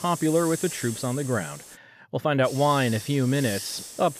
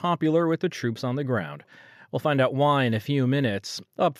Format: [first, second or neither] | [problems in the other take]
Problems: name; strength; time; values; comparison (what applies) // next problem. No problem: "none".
second | hiss; noticeable; until 2 s and from 2.5 s on; 10 dB below the speech